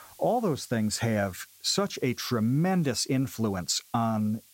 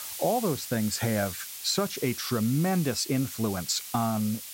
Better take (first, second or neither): first